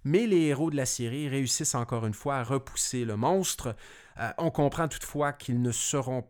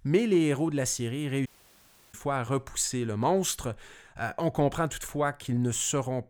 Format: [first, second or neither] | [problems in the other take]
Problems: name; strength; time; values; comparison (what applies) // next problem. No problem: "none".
first | audio cutting out; at 1.5 s for 0.5 s